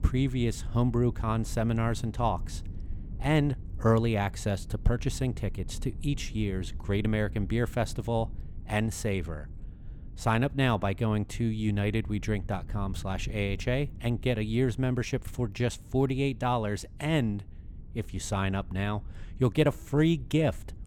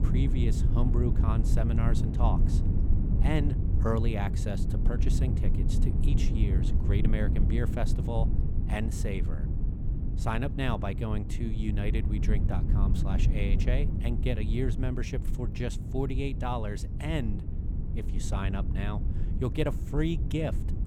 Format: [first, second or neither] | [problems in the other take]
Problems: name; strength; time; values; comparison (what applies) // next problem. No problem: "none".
first | low rumble; loud; throughout; 6 dB below the speech; faint in the first